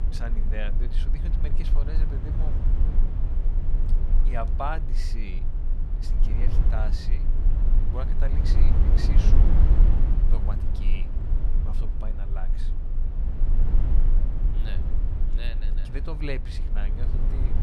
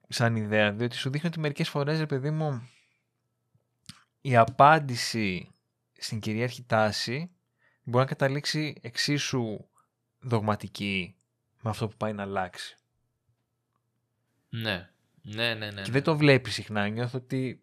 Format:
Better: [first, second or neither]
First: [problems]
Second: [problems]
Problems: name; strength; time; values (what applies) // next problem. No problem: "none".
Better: second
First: low rumble; loud; throughout; 3 dB below the speech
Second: none